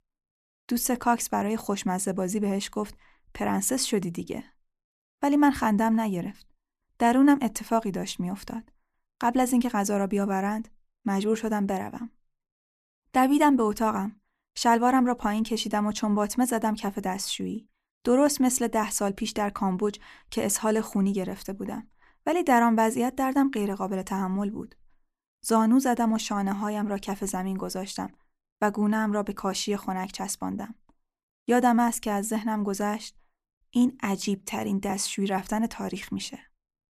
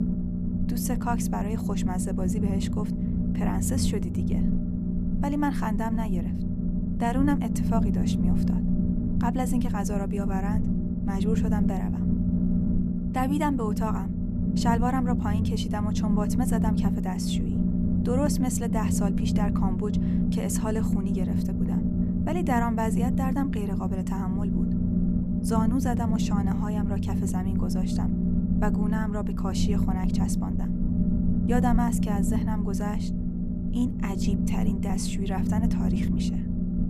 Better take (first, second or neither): first